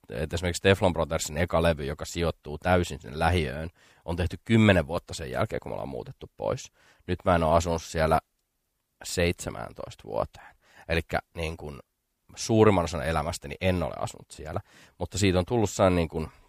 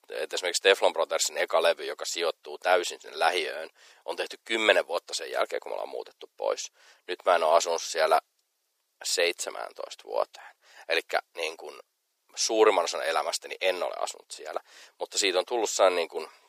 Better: first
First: none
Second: thin; very; fading below 400 Hz

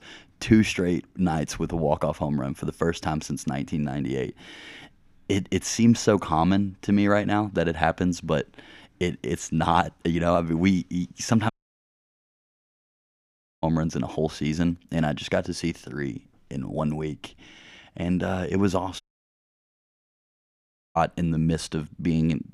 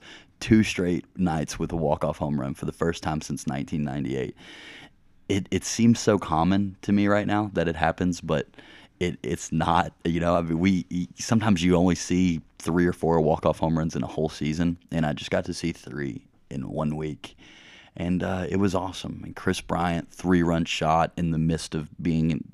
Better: second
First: audio cutting out; at 12 s for 2 s and at 19 s for 2 s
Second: none

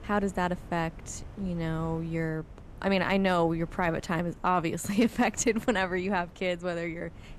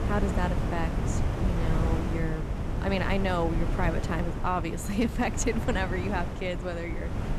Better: first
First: wind noise on the microphone; occasional gusts; 25 dB below the speech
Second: wind noise on the microphone; heavy; 6 dB below the speech

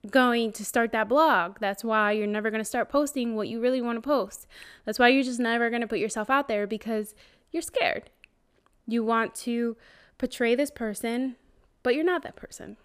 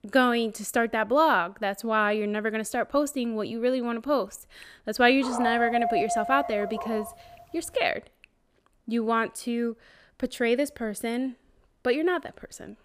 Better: first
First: none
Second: dog barking; noticeable; from 5 to 7 s; peak level with the speech

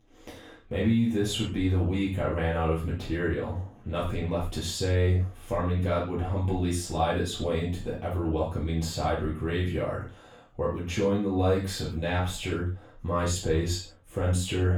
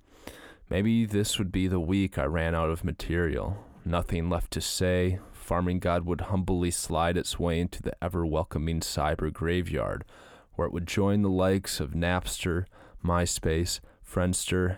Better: second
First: room echo; noticeable; dies away in 0.3 s // off-mic speech; far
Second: none

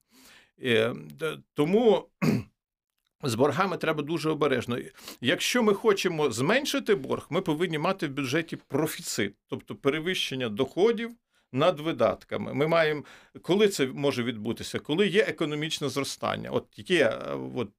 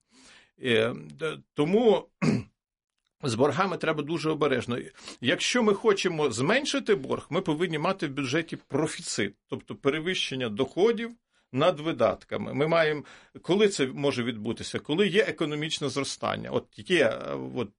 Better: first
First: none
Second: garbled, watery; slightly; nothing above 10.5 kHz

